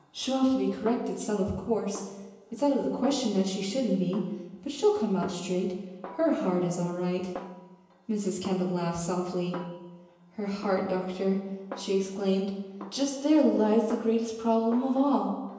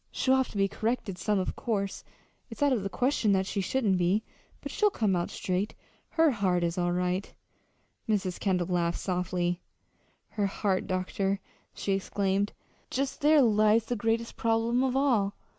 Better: second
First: background sound (Snare drum); 20 dB below the speech // room echo; dies away in 1 s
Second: none

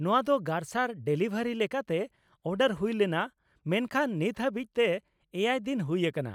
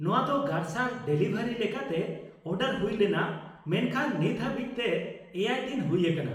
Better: first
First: none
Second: room echo; dies away in 0.8 s

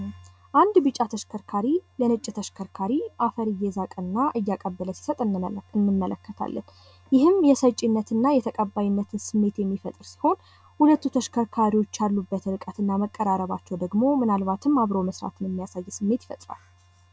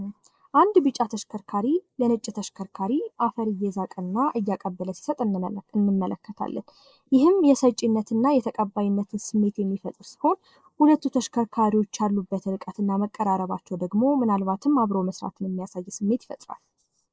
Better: first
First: none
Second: noise reduction (neural mask model Resemble Enhance denoiser)

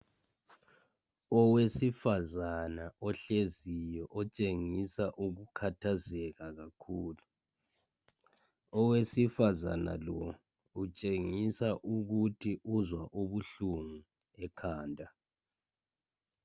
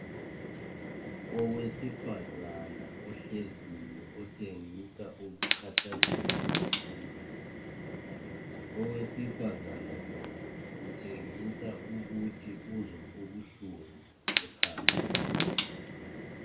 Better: first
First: none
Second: background sound (Fire); 5 dB above the speech // room echo; dies away in 0.3 s

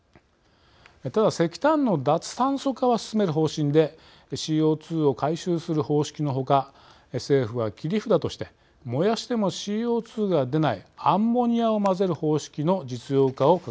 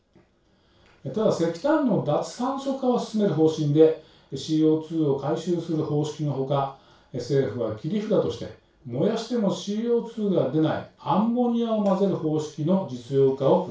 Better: first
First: none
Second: room echo; dies away in 0.3 s

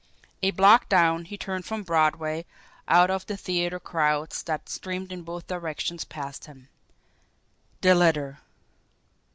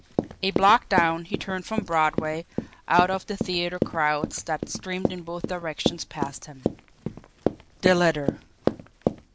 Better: first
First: none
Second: background sound (Run); 4 dB below the speech

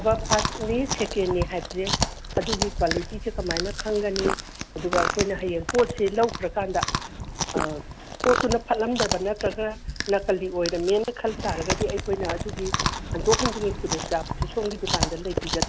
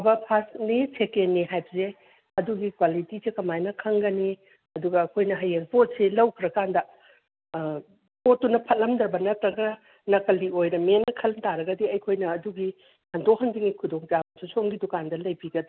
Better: second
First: background sound (Chewing, mastication + Fart); 3 dB below the speech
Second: none

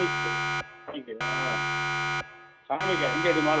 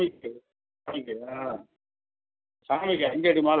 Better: second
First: background sound (Siren); 2 dB above the speech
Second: none

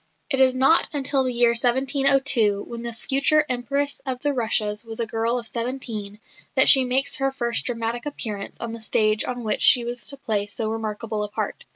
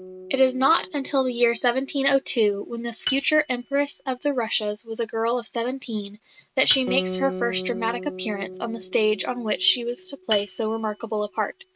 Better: first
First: none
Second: noise reduction (neural mask model RNNoise)

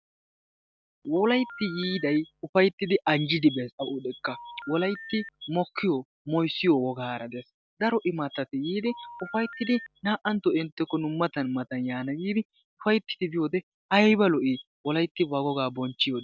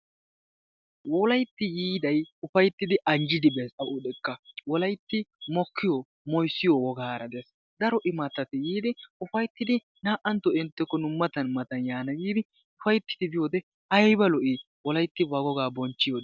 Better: second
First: background sound (Telephone); 16 dB below the speech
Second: none

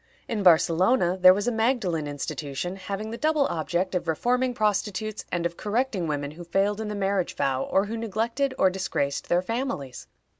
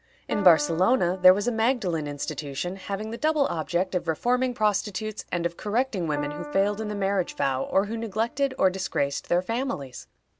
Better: first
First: none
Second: background sound (Piano); 15 dB below the speech

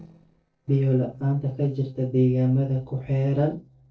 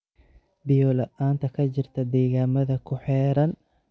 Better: second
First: noise reduction (neural separator model SepFormer DNS4)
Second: none

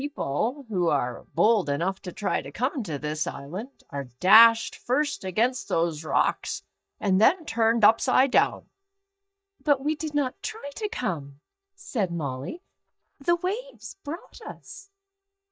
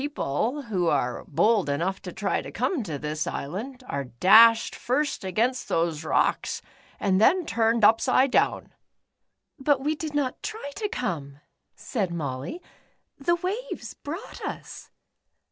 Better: second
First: noise reduction (neural mask model DeepFilterNet 3)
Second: none

